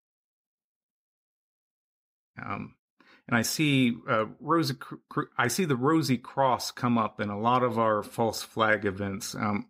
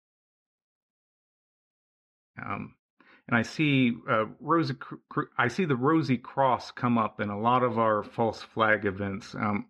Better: first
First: none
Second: muffled; slightly; fading above 2.5 kHz

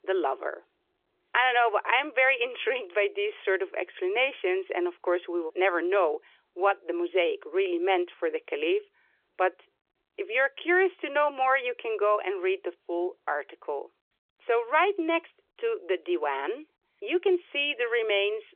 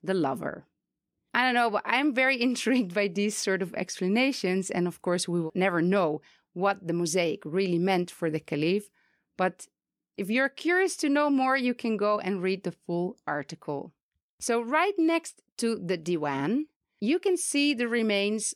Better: second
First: phone-call audio; nothing above 3 kHz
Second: none

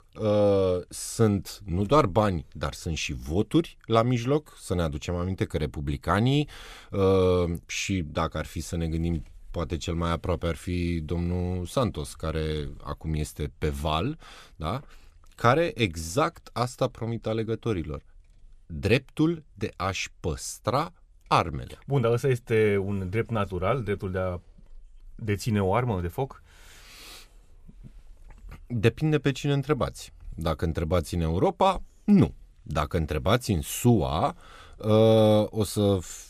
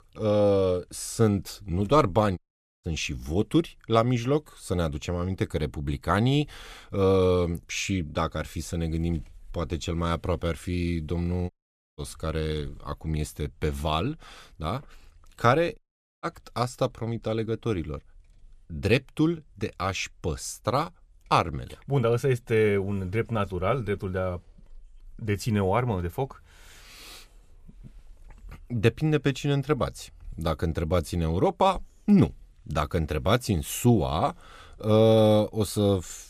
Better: first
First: none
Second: audio cutting out; at 2.5 s, at 12 s and at 16 s

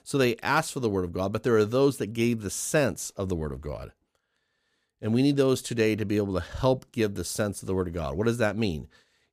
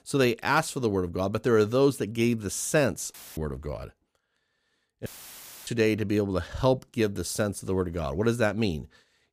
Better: first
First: none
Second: audio cutting out; filled with static; at 3 s and at 5 s for 0.5 s

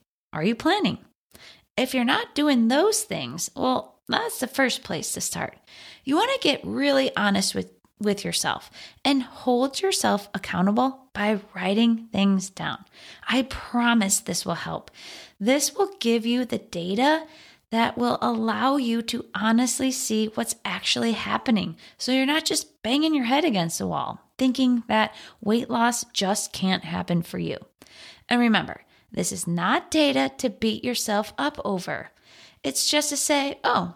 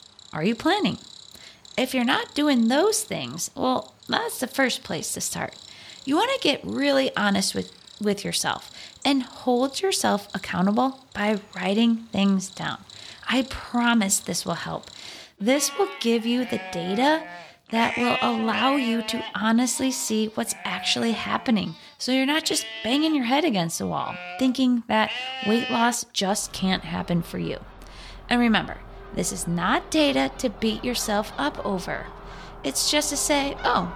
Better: first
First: none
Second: animal sounds; noticeable; throughout; 15 dB below the speech

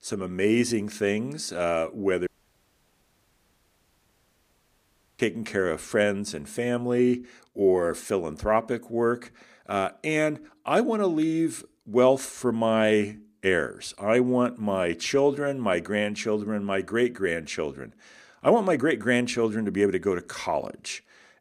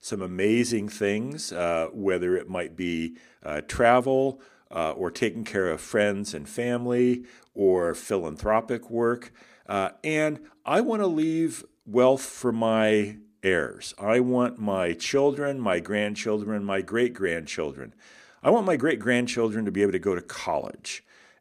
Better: second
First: audio cutting out; at 2.5 s for 3 s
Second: none

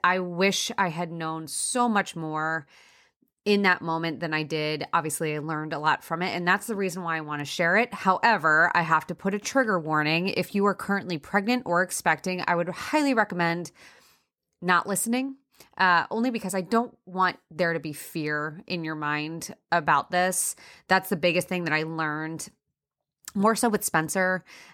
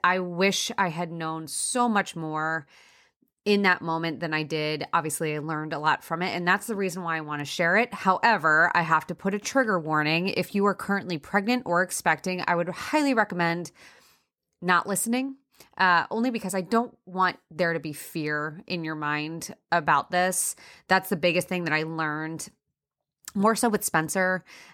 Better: neither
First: none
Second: none

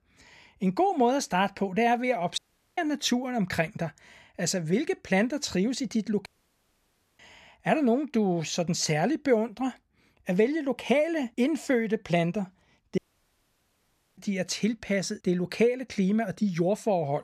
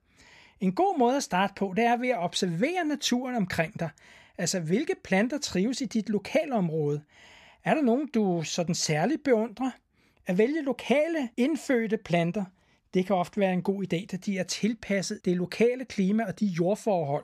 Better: second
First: audio cutting out; at 2.5 s, at 6.5 s for 1 s and at 13 s for 1 s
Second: none

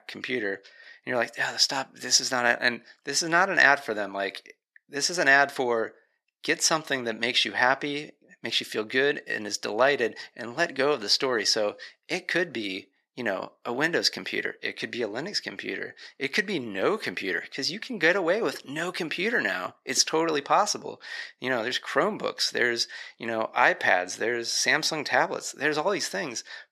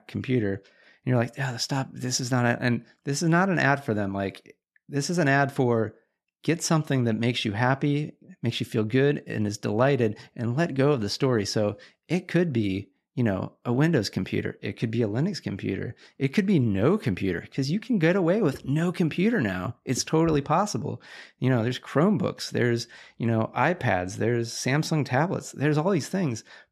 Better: second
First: thin; very; fading below 500 Hz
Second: none

